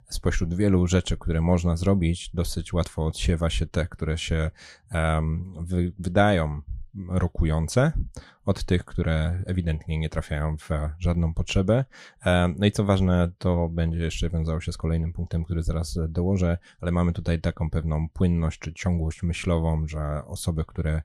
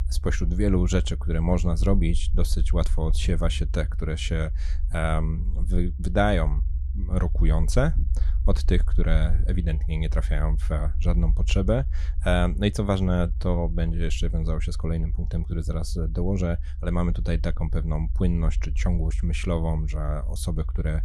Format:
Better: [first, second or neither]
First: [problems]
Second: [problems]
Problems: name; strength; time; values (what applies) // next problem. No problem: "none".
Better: first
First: none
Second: low rumble; noticeable; throughout; 20 dB below the speech